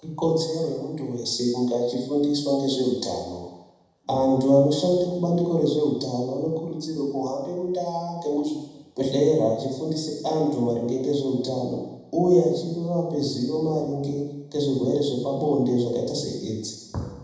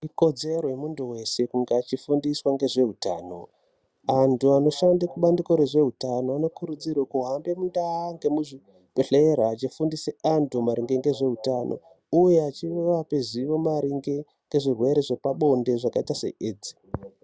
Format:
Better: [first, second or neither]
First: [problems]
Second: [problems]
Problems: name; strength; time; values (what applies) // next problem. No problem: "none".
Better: second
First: room echo; dies away in 1 s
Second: none